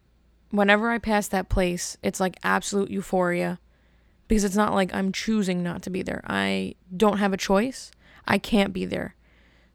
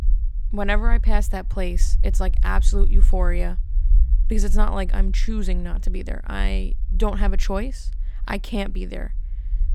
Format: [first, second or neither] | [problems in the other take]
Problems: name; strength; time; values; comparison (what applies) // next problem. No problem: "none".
first | low rumble; noticeable; throughout; 20 dB below the speech